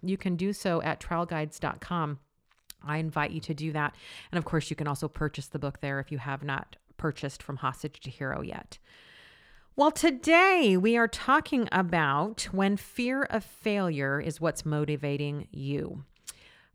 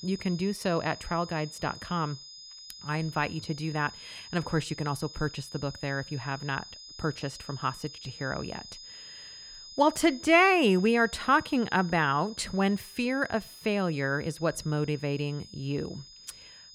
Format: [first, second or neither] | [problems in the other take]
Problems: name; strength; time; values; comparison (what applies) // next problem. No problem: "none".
first | high-pitched whine; noticeable; throughout; 5 kHz, 15 dB below the speech